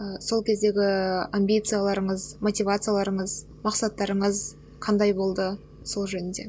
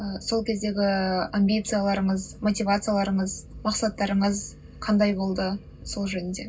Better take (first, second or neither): first